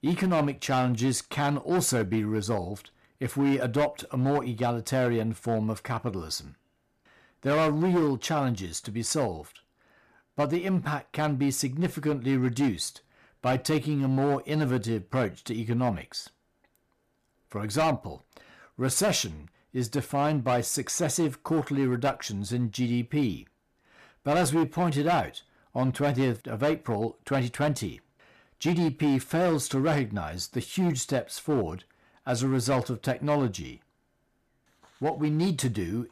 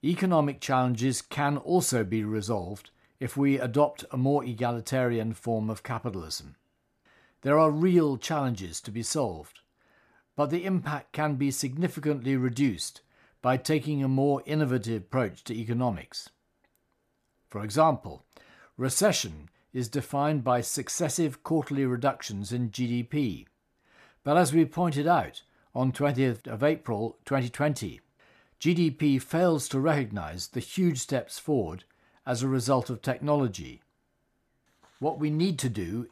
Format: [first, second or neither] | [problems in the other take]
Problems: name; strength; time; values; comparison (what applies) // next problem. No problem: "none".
second | distortion; slight; 7% of the sound clipped